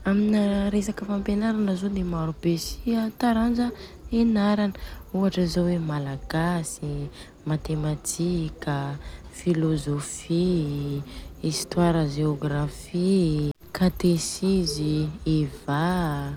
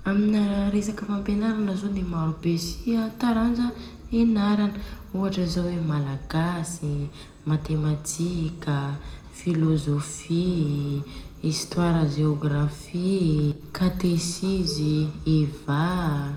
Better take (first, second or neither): first